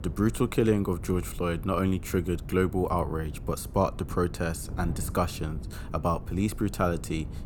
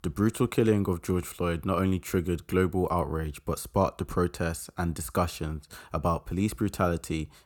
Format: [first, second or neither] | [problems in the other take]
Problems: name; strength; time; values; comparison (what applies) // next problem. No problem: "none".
second | wind noise on the microphone; occasional gusts; 20 dB below the speech